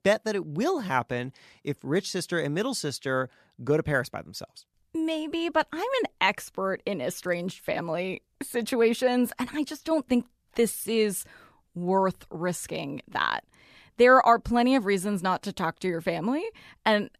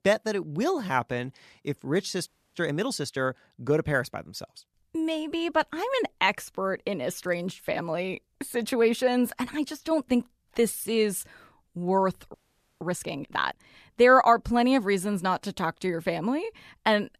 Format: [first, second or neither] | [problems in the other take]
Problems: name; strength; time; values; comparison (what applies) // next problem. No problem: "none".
first | audio freezing; at 2.5 s and at 12 s